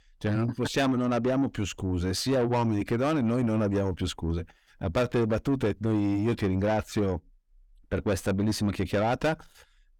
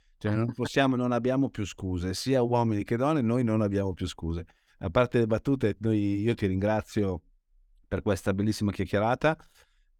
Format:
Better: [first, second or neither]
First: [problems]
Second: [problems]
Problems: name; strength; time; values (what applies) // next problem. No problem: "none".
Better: second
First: distortion; slight; 10 dB below the speech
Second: none